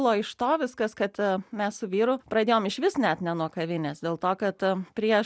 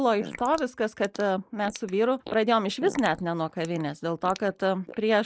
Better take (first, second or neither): first